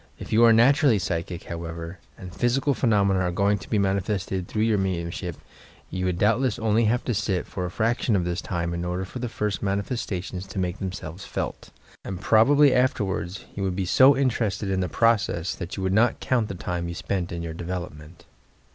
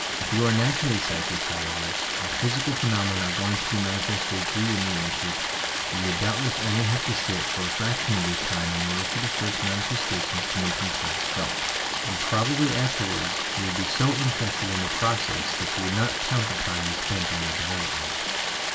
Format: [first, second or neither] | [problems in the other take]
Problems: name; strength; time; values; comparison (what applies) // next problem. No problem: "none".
first | background sound (Stream); 1 dB above the speech // room echo; dies away in 0.2 s